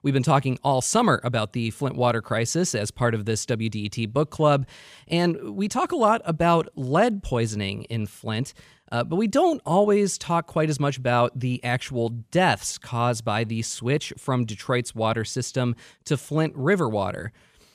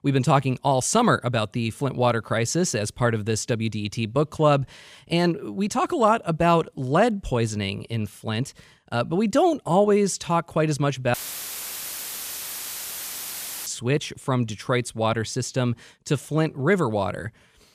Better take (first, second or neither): first